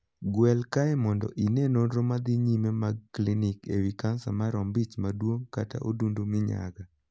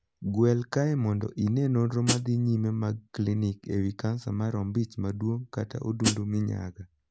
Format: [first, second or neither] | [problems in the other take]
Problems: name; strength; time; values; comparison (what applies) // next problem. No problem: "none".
first | background sound (Hi-hat); 1 dB below the speech